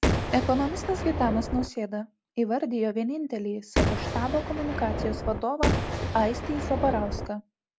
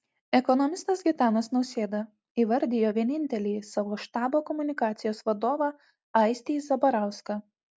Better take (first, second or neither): second